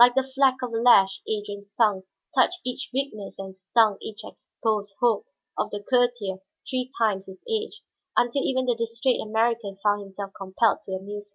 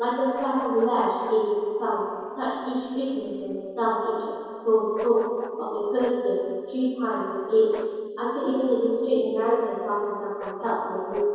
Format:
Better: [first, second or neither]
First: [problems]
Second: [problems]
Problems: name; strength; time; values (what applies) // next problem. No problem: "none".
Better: first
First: none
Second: noise reduction (neural separator model SepFormer DNS4)